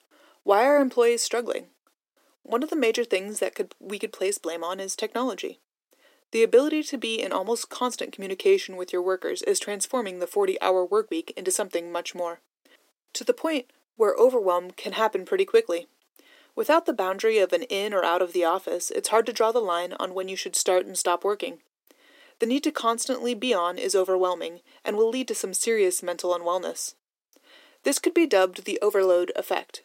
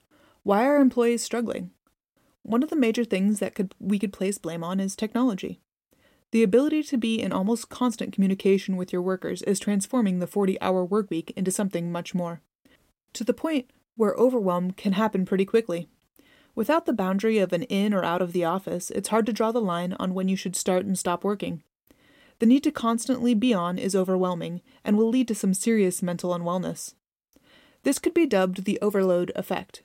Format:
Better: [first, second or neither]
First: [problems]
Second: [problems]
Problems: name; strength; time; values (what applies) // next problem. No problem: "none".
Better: second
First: thin; somewhat; fading below 350 Hz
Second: none